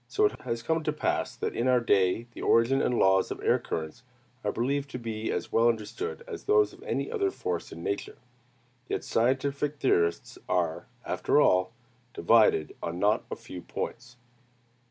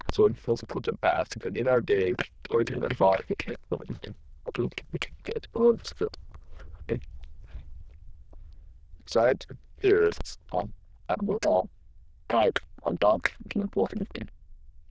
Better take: first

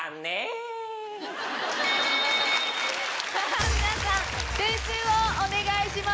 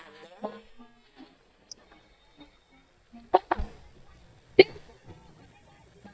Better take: first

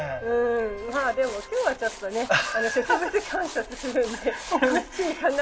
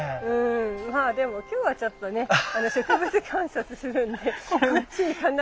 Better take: second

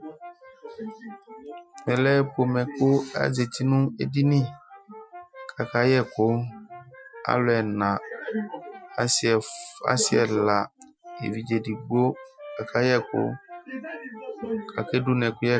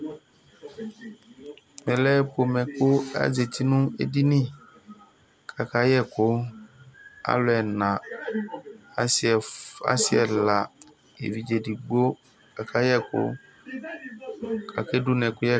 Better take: second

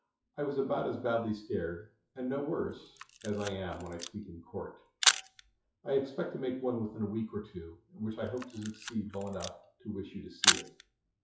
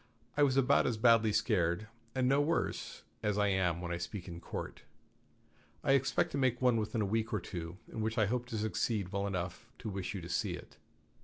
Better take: second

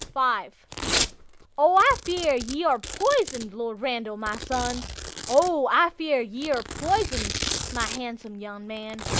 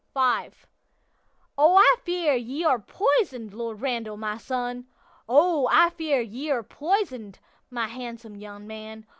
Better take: second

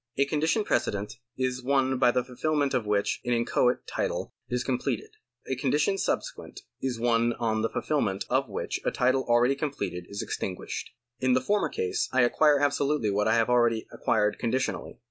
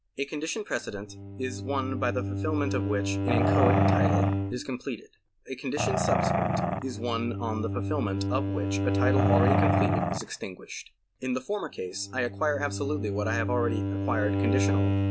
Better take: first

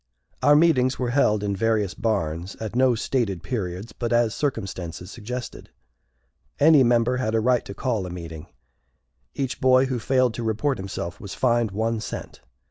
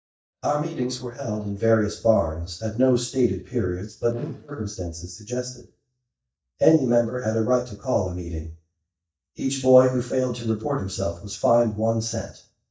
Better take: first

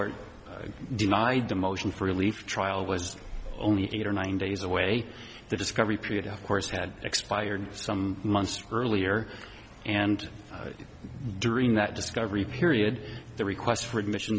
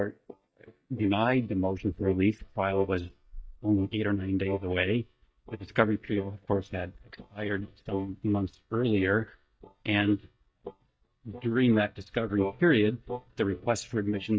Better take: first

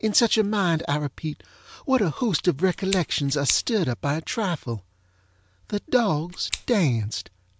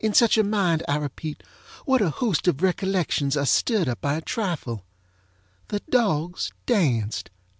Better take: second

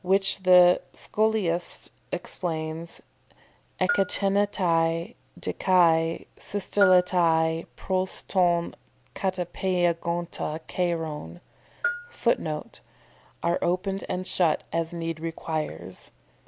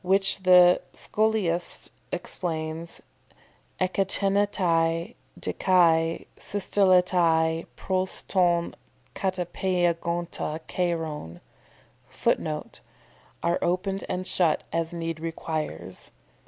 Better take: second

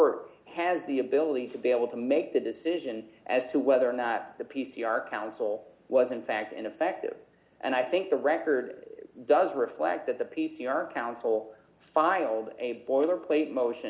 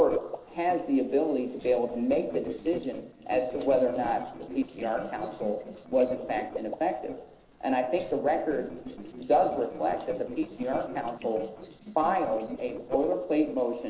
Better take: first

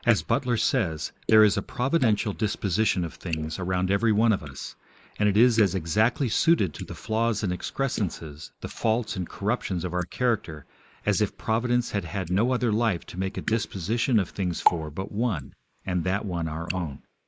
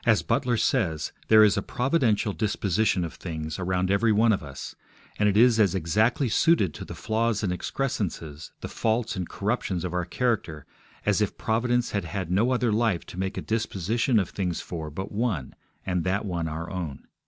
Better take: second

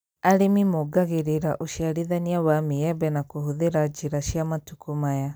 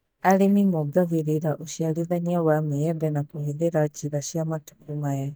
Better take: first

